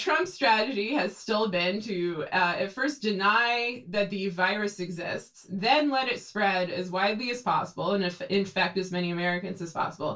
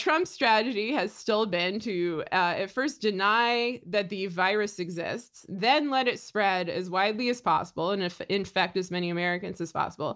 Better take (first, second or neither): second